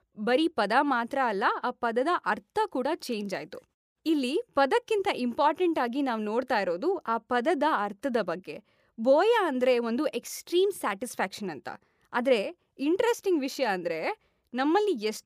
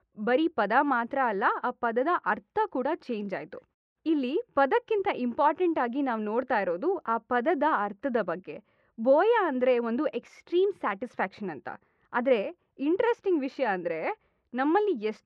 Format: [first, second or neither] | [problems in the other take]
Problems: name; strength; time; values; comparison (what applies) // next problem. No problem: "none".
first | muffled; very; fading above 2 kHz